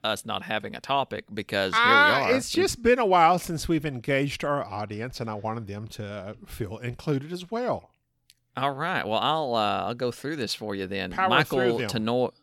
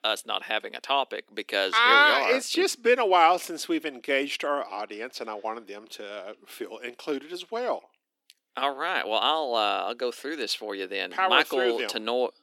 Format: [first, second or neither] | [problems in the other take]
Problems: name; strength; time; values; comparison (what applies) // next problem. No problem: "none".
first | thin; somewhat; fading below 300 Hz